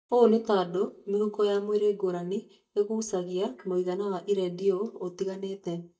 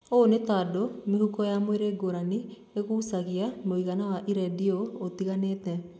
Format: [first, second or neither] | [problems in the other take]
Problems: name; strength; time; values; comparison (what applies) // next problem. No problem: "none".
second | noise reduction (neural mask model DeepFilterNet 3)